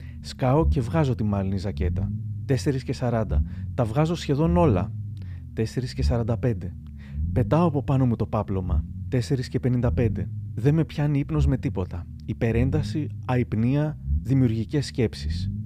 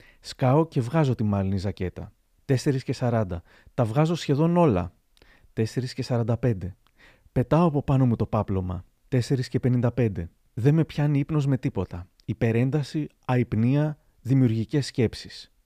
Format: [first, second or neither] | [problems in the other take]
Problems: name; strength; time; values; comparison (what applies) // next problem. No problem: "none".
second | low rumble; noticeable; throughout; 15 dB below the speech